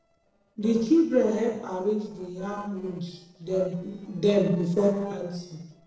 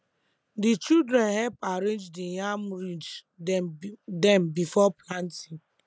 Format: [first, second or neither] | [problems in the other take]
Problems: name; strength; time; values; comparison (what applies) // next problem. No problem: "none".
second | noise reduction (neural separator model SepFormer DNS4)